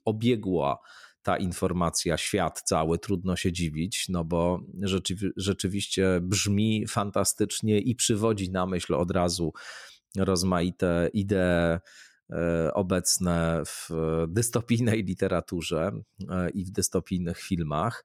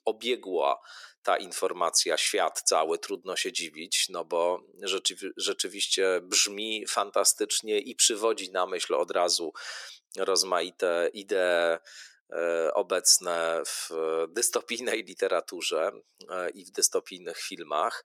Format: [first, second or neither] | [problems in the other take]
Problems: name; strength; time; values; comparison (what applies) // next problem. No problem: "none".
first | thin; very; fading below 400 Hz